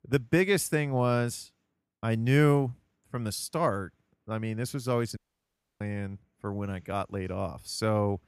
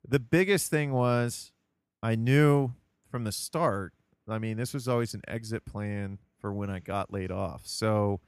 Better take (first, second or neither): second